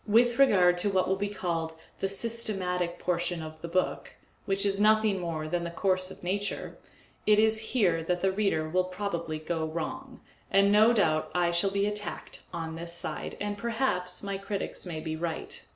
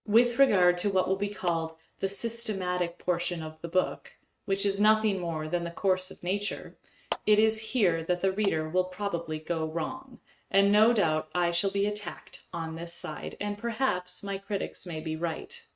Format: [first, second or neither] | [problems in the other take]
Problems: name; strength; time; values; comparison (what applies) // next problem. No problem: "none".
first | noise reduction (neural mask model RNNoise)